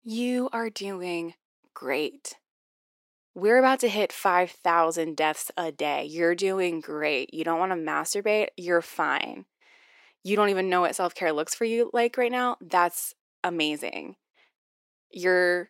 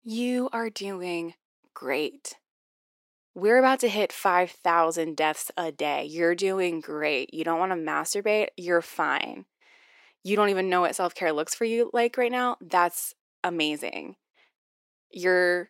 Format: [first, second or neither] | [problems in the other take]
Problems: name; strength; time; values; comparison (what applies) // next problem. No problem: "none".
neither | thin; somewhat; fading below 450 Hz; the same in both